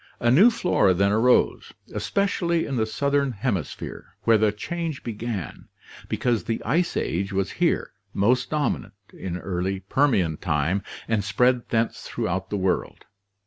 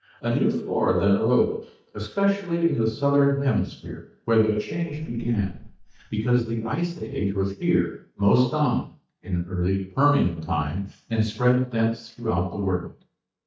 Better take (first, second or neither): first